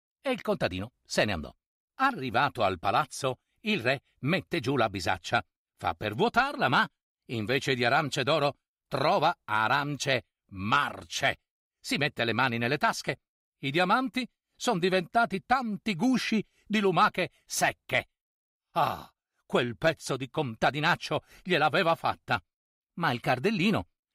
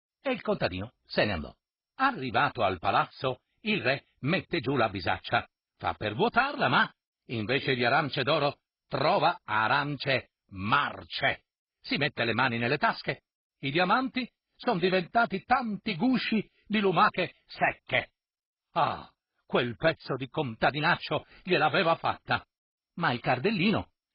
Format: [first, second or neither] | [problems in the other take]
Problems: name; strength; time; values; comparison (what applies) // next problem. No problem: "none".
first | garbled, watery; badly; nothing above 4.5 kHz